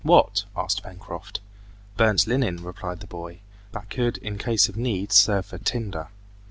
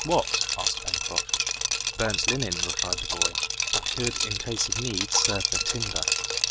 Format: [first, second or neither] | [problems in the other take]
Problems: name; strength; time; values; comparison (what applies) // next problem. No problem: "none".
first | background sound (Liquid); 4 dB above the speech